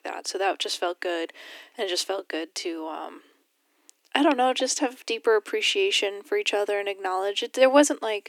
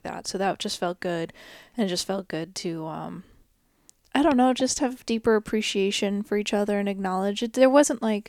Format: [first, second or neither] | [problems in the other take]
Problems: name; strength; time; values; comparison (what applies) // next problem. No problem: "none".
second | thin; very slightly; fading below 300 Hz